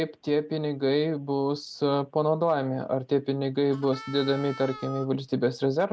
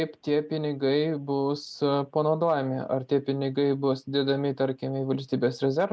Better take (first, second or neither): second